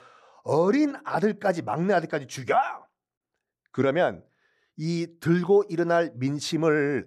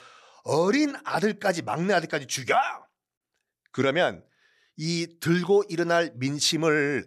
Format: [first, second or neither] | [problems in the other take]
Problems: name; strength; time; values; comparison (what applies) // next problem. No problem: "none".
second | muffled; slightly; fading above 1.5 kHz